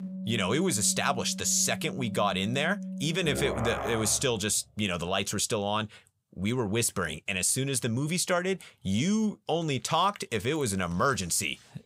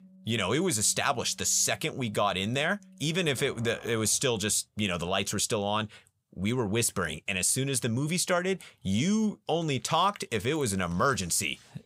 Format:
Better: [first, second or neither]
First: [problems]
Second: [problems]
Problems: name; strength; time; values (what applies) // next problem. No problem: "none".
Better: second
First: background music; loud; until 4 s; 9 dB below the speech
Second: background music; faint; until 4 s; 25 dB below the speech